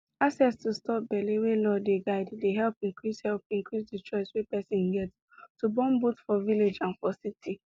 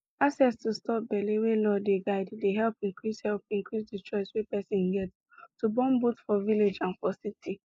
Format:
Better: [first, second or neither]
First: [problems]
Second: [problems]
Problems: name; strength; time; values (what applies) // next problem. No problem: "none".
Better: first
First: none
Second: noise reduction (neural mask model Resemble Enhance denoiser)